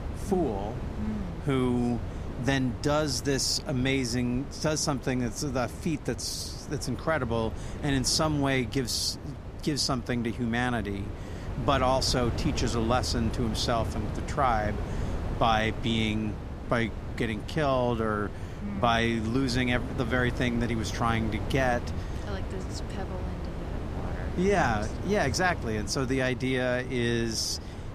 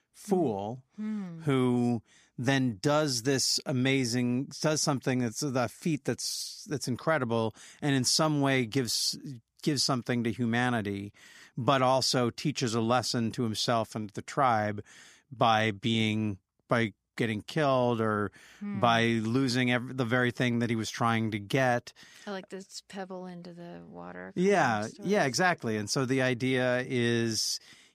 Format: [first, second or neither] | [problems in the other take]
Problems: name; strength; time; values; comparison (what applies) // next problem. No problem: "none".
second | wind noise on the microphone; occasional gusts; 15 dB below the speech